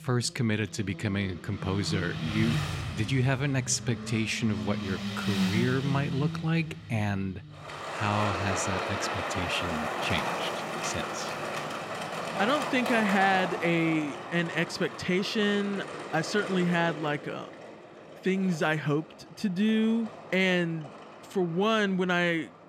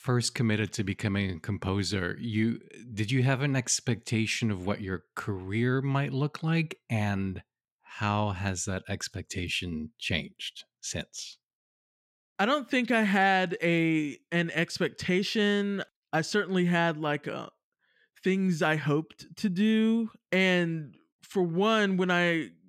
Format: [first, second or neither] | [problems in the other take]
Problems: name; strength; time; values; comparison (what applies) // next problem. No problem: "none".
second | traffic noise; loud; throughout; 5 dB below the speech